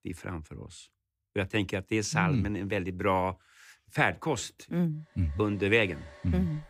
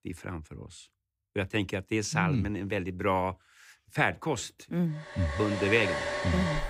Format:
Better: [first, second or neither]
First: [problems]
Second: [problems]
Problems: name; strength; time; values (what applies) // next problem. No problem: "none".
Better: first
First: household noises; faint; from 5.5 s on; 25 dB below the speech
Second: household noises; loud; from 5.5 s on; 3 dB below the speech